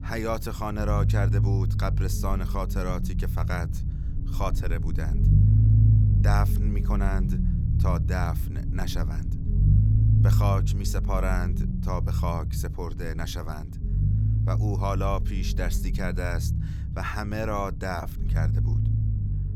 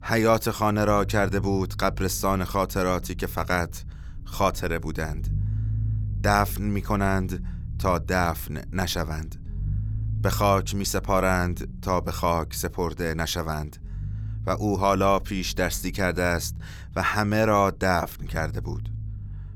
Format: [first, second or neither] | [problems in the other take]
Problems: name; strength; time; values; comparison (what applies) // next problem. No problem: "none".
second | low rumble; loud; throughout; 6 dB below the speech; faint in the second